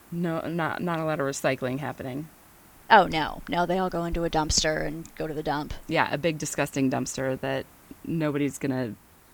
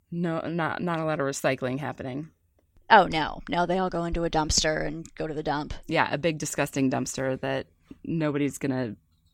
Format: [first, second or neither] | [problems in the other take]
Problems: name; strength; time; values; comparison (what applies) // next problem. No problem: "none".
second | hiss; faint; throughout; 25 dB below the speech